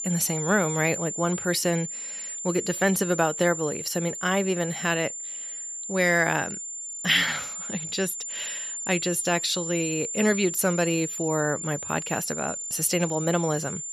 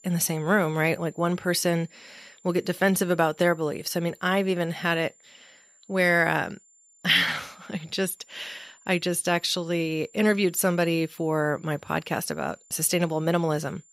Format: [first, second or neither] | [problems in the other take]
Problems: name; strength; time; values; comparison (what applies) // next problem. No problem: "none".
second | high-pitched whine; loud; throughout; 7 kHz, 5 dB below the speech; faint in the second